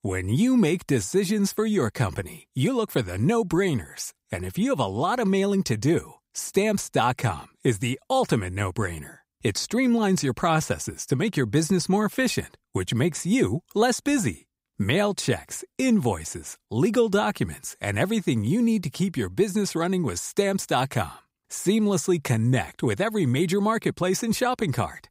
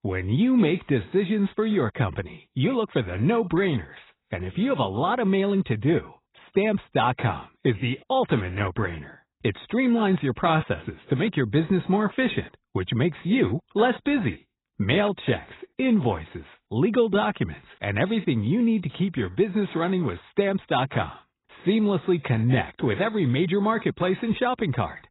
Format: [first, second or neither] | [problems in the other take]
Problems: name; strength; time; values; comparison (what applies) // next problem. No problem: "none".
first | garbled, watery; badly; nothing above 4 kHz